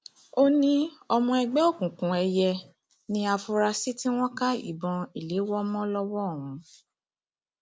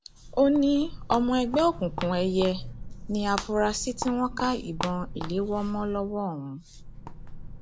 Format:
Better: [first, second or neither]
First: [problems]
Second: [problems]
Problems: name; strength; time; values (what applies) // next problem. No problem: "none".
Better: first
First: none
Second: background sound (Walk, footsteps); 10 dB below the speech